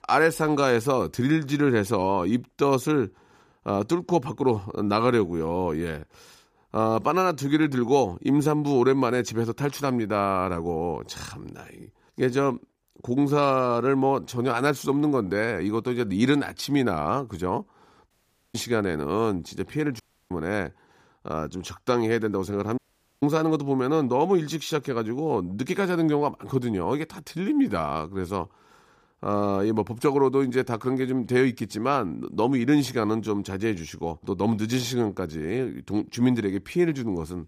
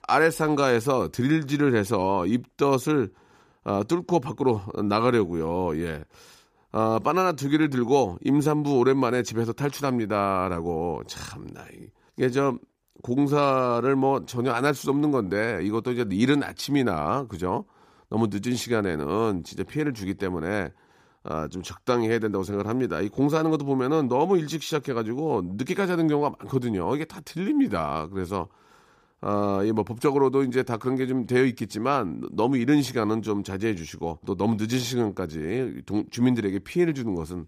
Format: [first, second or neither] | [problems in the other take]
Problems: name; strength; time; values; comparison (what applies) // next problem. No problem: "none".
second | audio cutting out; at 18 s, at 20 s and at 23 s